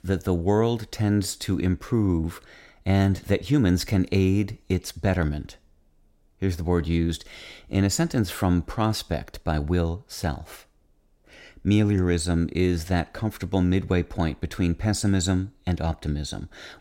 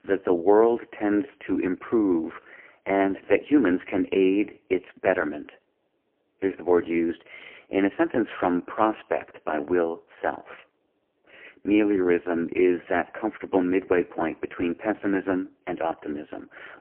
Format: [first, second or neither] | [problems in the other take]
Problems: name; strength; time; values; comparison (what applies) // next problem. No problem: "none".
first | phone-call audio; poor line